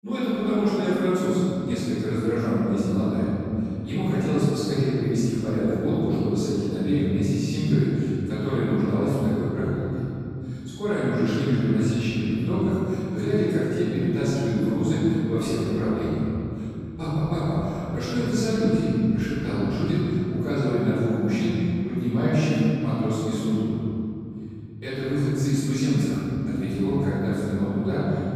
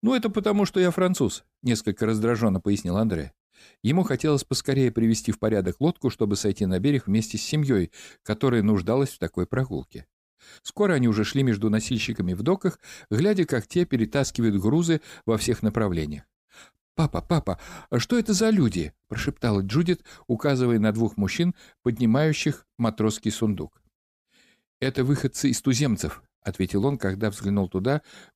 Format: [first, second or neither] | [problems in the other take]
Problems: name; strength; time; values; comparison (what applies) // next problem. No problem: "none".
second | off-mic speech; far // room echo; strong; dies away in 3 s